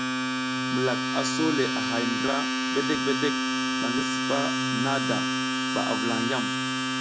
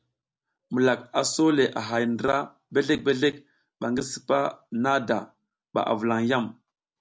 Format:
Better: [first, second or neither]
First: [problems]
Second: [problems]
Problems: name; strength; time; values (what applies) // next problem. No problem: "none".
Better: second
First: background sound (Domestic sounds, home sounds); 4 dB above the speech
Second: none